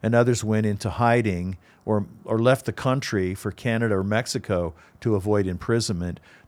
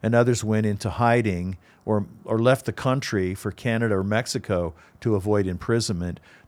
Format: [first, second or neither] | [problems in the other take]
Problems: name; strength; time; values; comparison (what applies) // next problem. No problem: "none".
neither | none